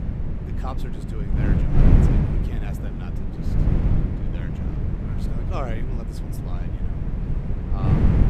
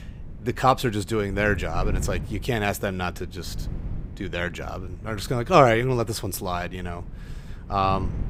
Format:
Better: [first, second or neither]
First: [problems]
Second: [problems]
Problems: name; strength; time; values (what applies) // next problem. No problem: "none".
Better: second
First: wind noise on the microphone; heavy; 4 dB above the speech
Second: wind noise on the microphone; occasional gusts; 25 dB below the speech